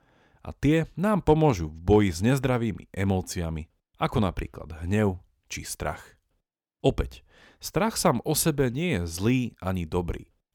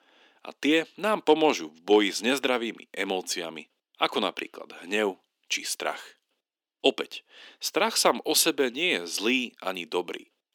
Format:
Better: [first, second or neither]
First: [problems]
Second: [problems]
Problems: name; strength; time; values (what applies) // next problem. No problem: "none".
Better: first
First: none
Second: thin; somewhat; fading below 250 Hz